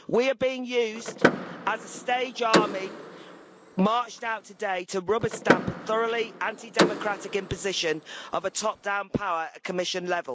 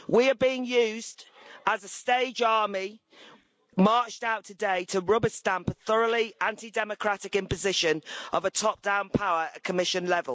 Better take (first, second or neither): second